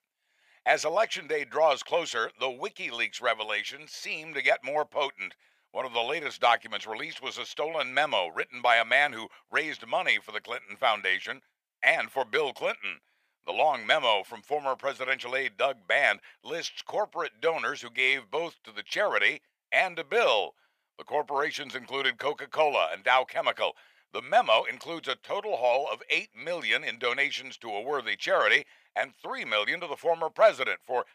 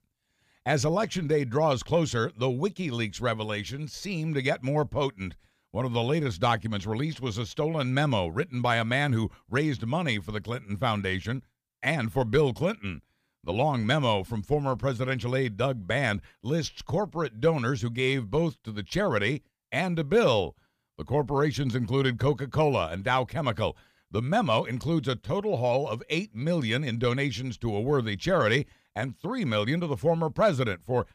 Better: second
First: thin; very; fading below 650 Hz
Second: none

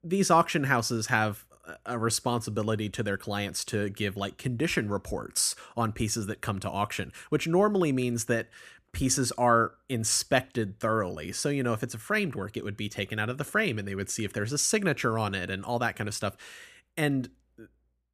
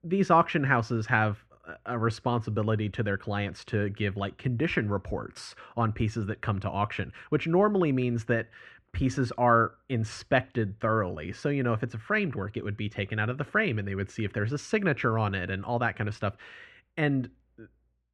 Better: first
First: none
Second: muffled; very; fading above 2.5 kHz

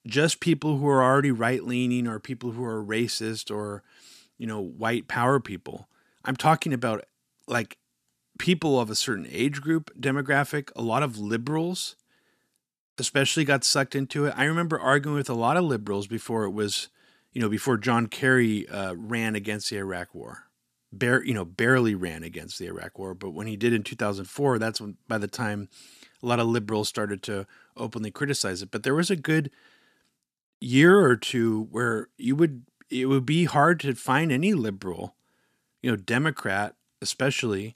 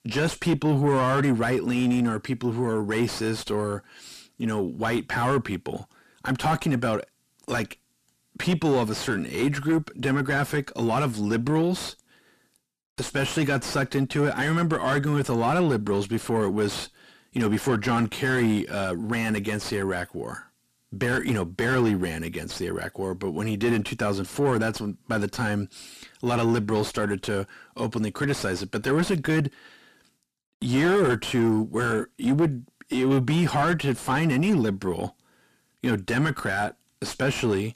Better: first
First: none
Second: distortion; heavy; 6 dB below the speech

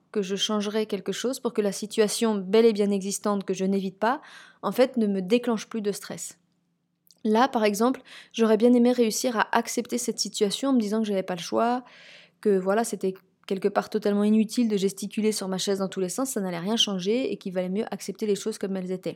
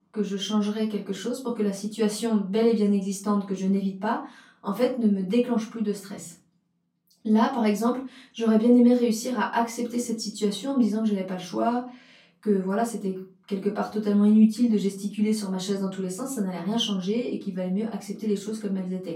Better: first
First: none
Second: off-mic speech; far // room echo; slight; dies away in 0.3 s

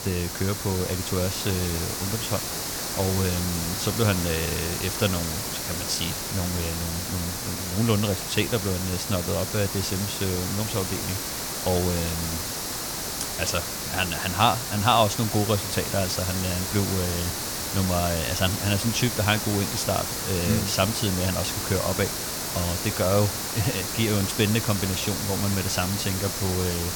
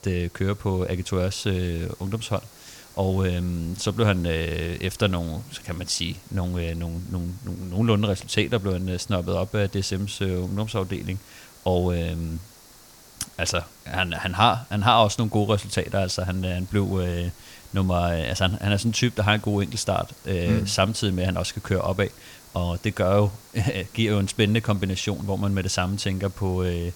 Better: second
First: hiss; loud; throughout; 2 dB below the speech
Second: hiss; faint; throughout; 25 dB below the speech

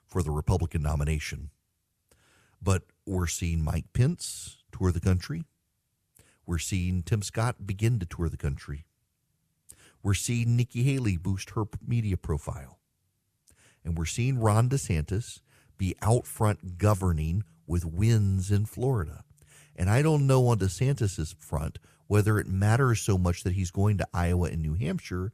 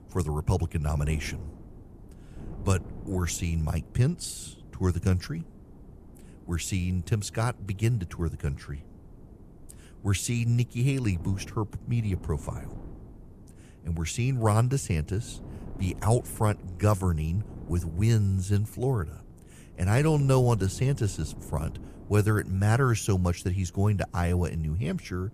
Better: first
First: none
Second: wind noise on the microphone; occasional gusts; 20 dB below the speech

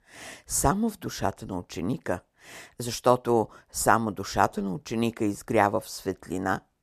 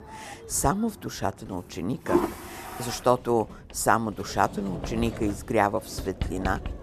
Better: first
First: none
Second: household noises; loud; throughout; 7 dB below the speech

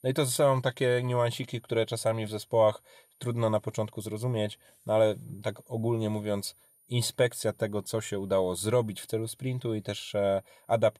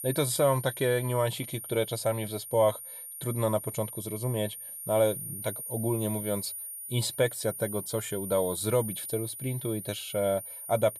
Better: first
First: high-pitched whine; faint; throughout; 9.5 kHz, 30 dB below the speech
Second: high-pitched whine; loud; throughout; 9.5 kHz, 7 dB below the speech

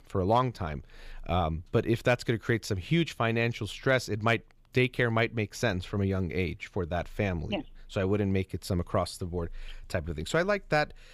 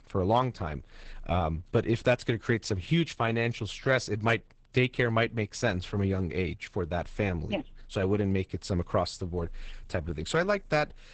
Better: first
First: none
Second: garbled, watery; badly; nothing above 8 kHz

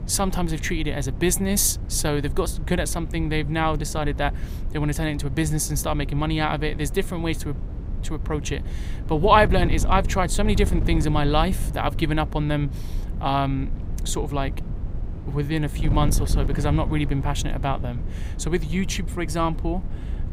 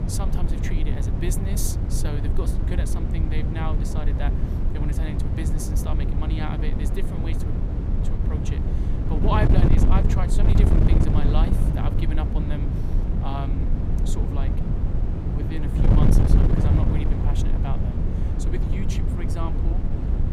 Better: first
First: wind noise on the microphone; occasional gusts; 15 dB below the speech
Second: wind noise on the microphone; heavy; 1 dB above the speech

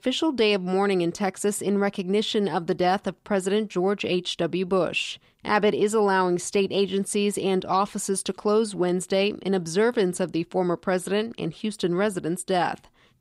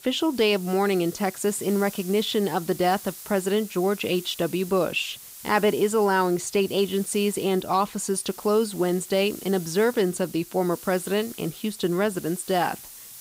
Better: first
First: none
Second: hiss; noticeable; throughout; 15 dB below the speech

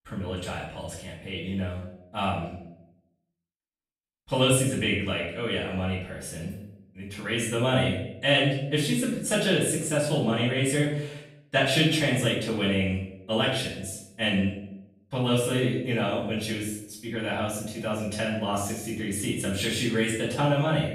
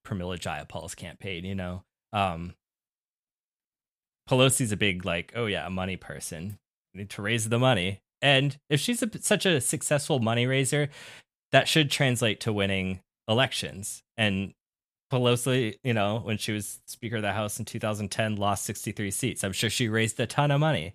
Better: second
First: off-mic speech; far // room echo; noticeable; dies away in 0.6 s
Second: none

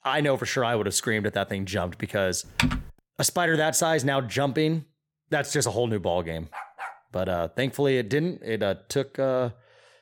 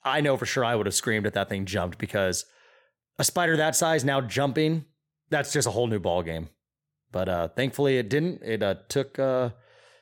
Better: second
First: keyboard typing; loud; at 2.5 s; peak level with the speech // dog barking; faint; at 6.5 s; peak 10 dB below the speech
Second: none

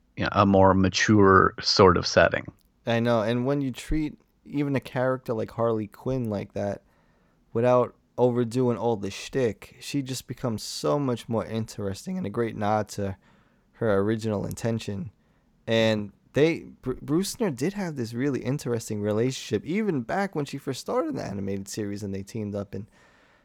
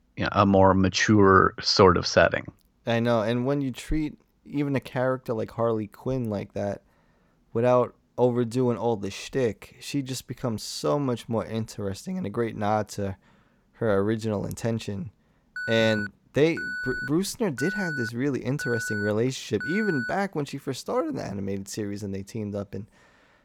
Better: first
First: none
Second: alarm; noticeable; from 16 to 20 s; peak 5 dB below the speech

